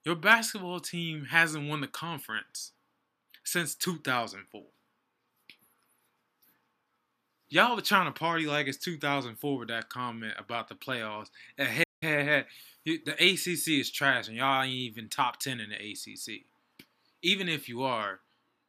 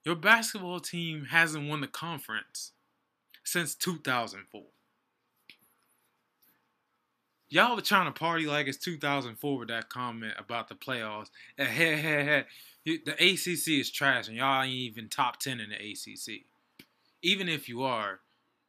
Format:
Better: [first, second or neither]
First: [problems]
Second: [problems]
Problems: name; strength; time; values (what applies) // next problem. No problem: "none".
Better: second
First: audio cutting out; at 12 s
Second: none